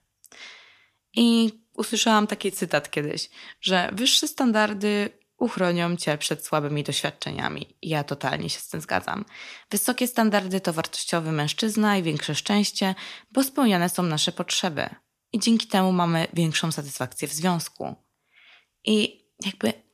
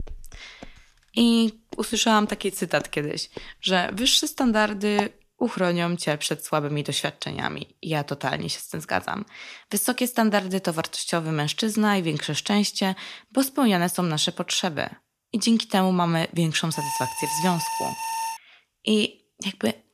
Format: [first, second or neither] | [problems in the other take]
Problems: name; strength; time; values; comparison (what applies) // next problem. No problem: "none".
first | footsteps; noticeable; until 5 s; peak 7 dB below the speech // alarm; noticeable; from 17 to 18 s; peak 4 dB below the speech